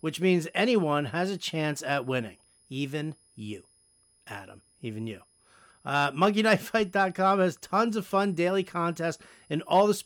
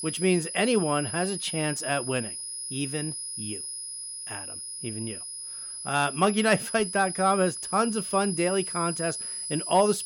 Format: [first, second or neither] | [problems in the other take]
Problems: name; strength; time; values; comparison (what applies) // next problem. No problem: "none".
first | high-pitched whine; loud; throughout; 10.5 kHz, 6 dB below the speech; faint in the first